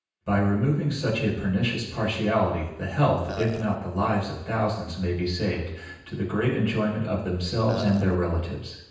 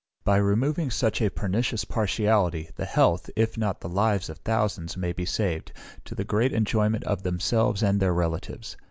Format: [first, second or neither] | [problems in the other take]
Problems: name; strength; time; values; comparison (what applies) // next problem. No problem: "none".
second | background sound (Burping, eructation); 11 dB below the speech // room echo; dies away in 0.9 s